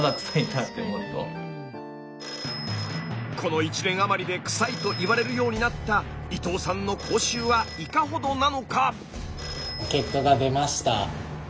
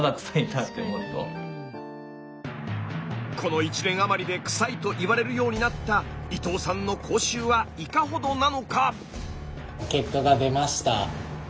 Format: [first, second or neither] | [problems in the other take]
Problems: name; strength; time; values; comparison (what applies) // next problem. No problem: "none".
second | background sound (Telephone); 14 dB below the speech